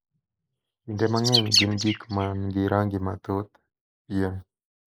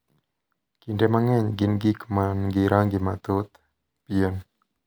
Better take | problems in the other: second | noise reduction (neural mask model Resemble Enhance denoiser)

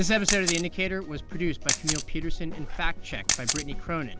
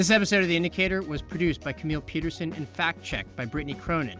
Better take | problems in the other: second | background sound (Camera + Meow / Purr); 1 dB above the speech

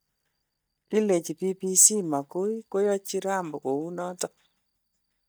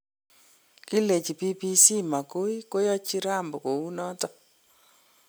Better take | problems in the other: second | noise reduction (neural mask model DeepFilterNet 3)

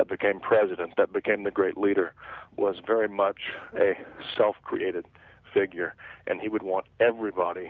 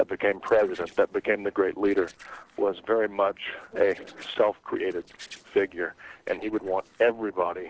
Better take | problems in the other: first | noise reduction (neural separator model SepFormer DNS4)

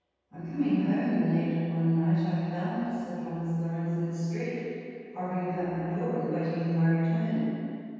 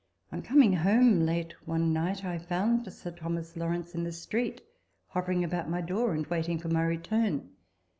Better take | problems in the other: second | room echo; dies away in 2.2 s

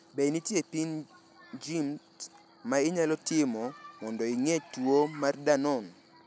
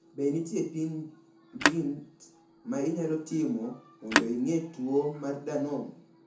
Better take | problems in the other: first | background sound (Telephone); as loud as the speech // room echo; dies away in 0.6 s

